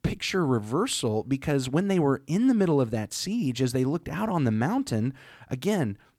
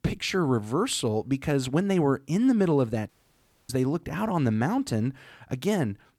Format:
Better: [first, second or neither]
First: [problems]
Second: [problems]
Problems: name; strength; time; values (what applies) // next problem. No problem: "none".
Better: first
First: none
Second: audio cutting out; at 3 s for 0.5 s